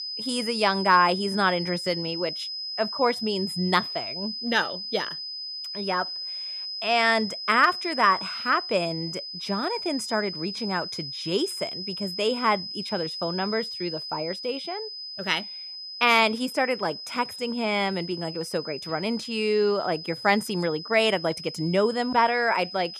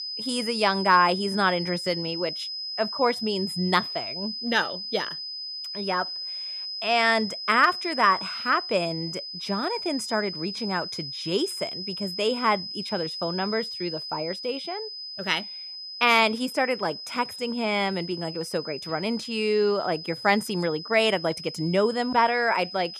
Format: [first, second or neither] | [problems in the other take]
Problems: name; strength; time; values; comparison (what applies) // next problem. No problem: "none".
neither | high-pitched whine; loud; throughout; 5 kHz, 7 dB below the speech; the same in both